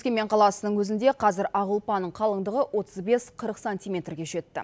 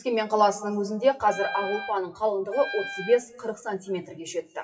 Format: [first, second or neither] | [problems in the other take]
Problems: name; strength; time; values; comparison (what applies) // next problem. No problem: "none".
first | noise reduction (classical method WPE with log-MMSE)